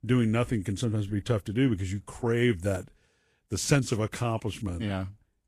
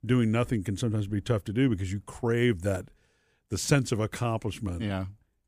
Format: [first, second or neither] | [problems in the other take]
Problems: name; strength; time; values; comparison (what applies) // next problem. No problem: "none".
second | garbled, watery; slightly; nothing above 12.5 kHz